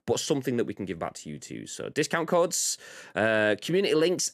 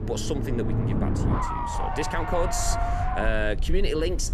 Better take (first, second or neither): first